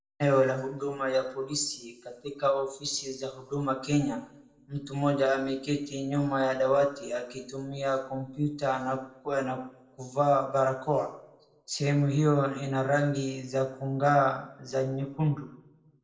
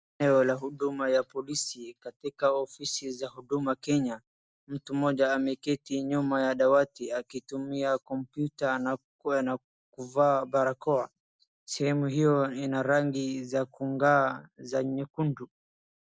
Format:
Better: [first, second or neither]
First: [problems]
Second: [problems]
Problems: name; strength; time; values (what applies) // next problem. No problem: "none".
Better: second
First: room echo; dies away in 0.5 s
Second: none